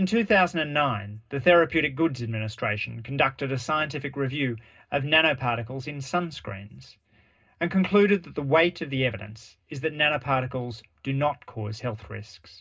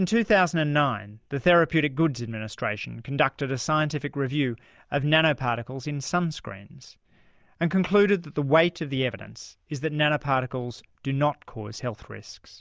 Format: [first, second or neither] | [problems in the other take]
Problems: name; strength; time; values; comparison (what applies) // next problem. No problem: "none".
second | room echo; dies away in 0.2 s